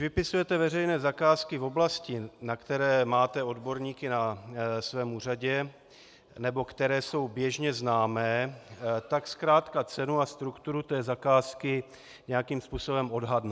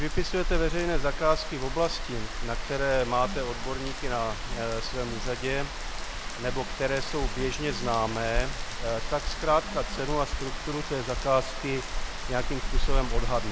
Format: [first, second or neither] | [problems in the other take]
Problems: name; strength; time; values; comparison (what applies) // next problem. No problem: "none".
first | background sound (Rain); as loud as the speech